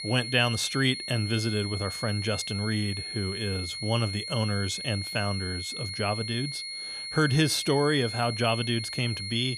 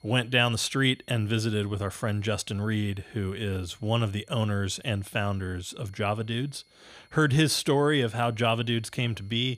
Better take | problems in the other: second | high-pitched whine; loud; throughout; 4.5 kHz, 6 dB below the speech; faint in the second

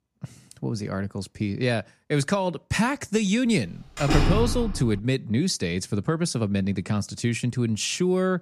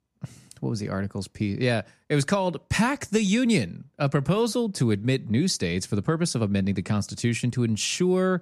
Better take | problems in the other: second | door banging; loud; from 4 to 5 s; peak 2 dB above the speech

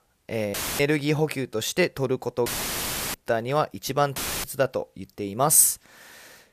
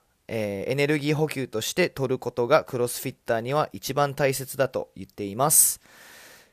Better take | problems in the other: second | audio cutting out; filled with static; at 0.5 s, at 2.5 s for 0.5 s and at 4 s

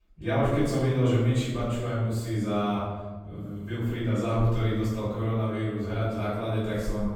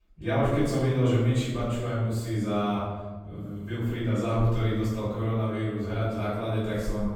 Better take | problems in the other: neither | off-mic speech; far; the same in both // room echo; strong; dies away in 1.1 s; the same in both

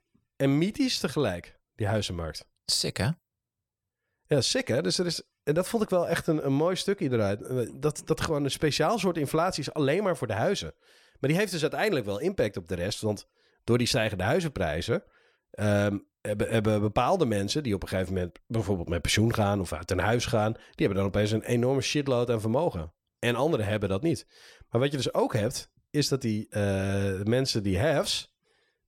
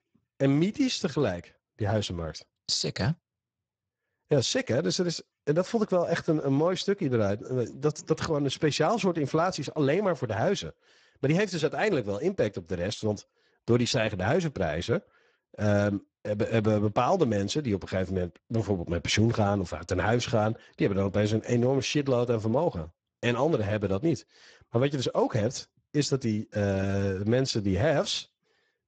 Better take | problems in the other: first | garbled, watery; badly; nothing above 7.5 kHz

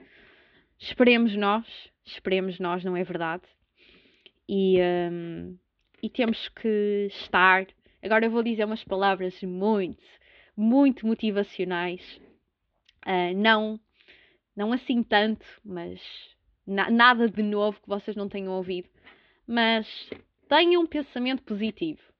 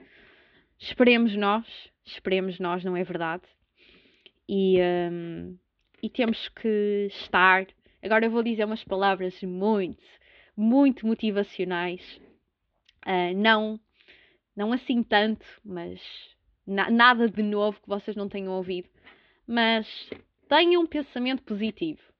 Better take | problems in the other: neither | muffled; slightly; fading above 3.5 kHz; the same in both

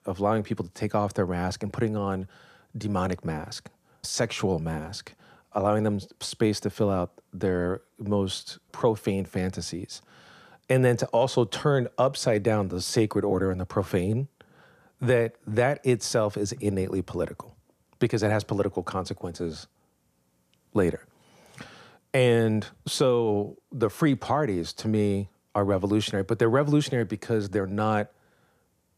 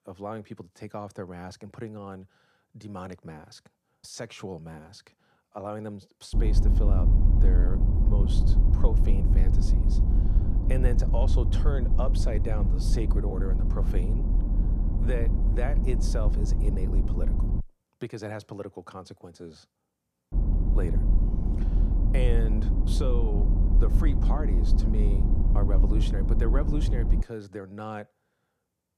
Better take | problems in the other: first | low rumble; loud; from 6.5 to 18 s and from 20 to 27 s; 2 dB below the speech

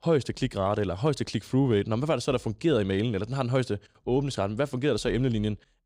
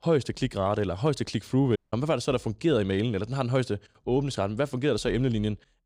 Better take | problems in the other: first | audio cutting out; at 2 s

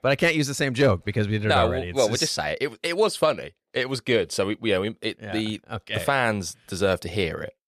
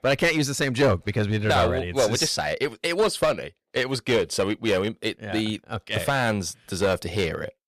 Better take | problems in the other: first | distortion; slight; 5% of the sound clipped

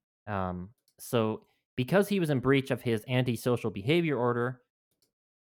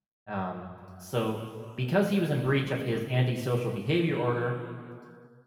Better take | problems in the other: first | room echo; noticeable; dies away in 2 s // off-mic speech; far

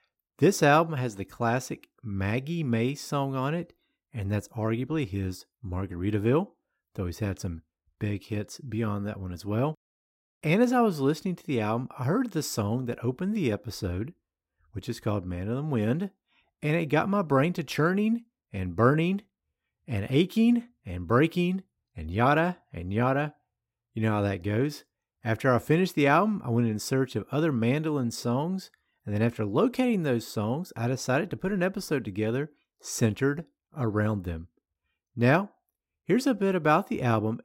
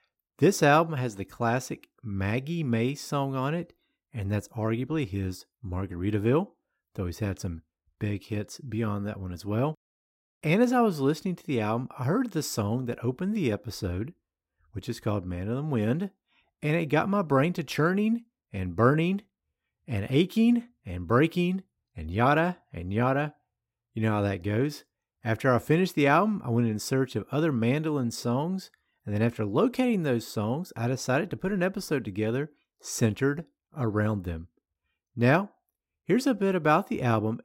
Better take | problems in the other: neither | none

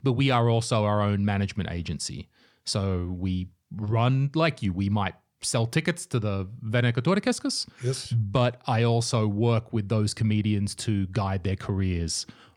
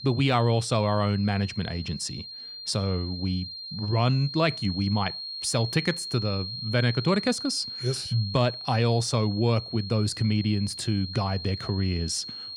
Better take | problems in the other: first | high-pitched whine; loud; throughout; 4 kHz, 8 dB below the speech

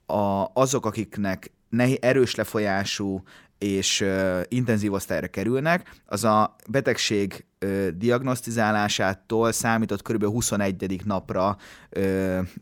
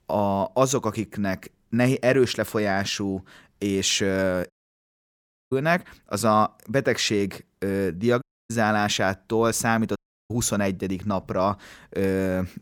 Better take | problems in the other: first | audio cutting out; at 4.5 s for 1 s, at 8 s and at 10 s

